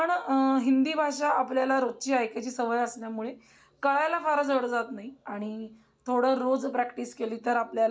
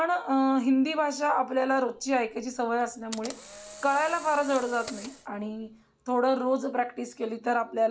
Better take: first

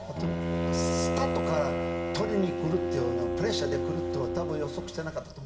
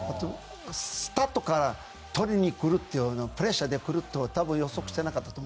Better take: second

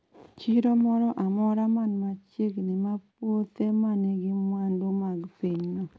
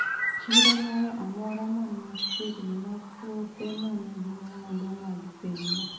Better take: first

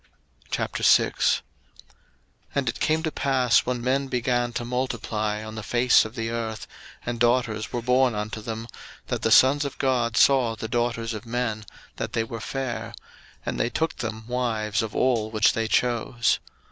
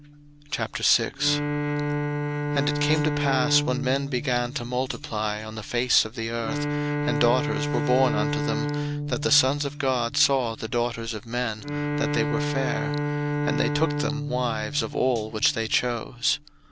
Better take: first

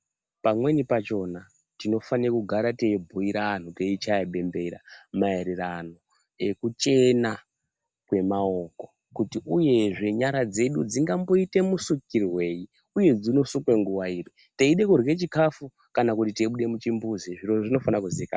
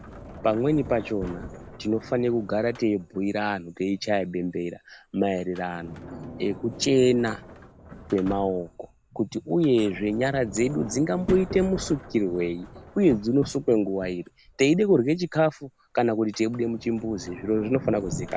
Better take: first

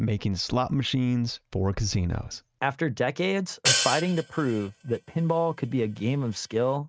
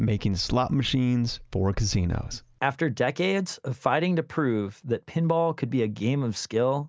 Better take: second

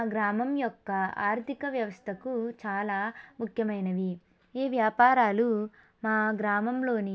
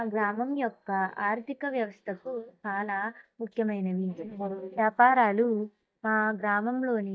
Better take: first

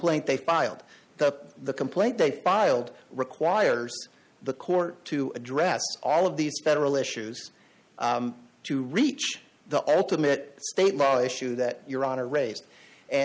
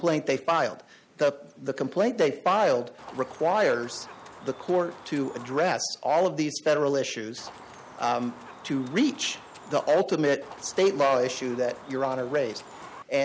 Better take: first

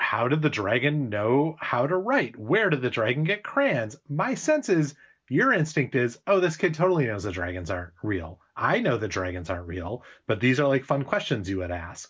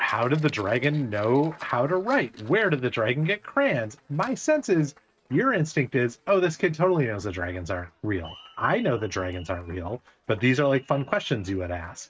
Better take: first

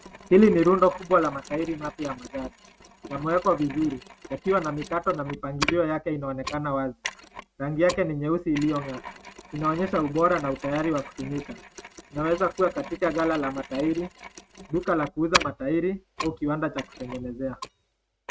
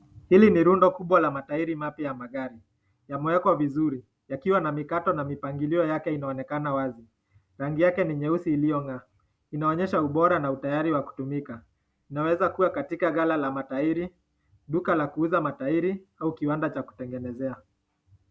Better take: second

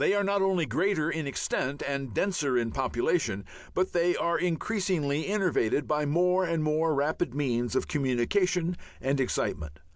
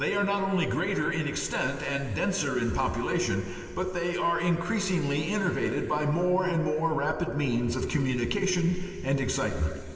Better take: first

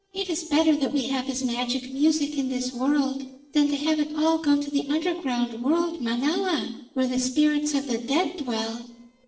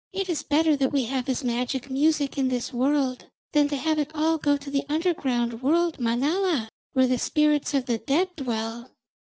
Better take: second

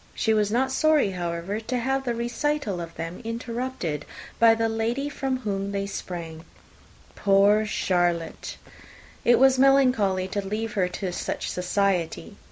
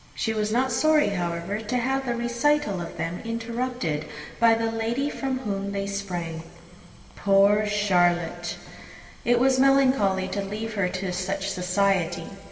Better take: first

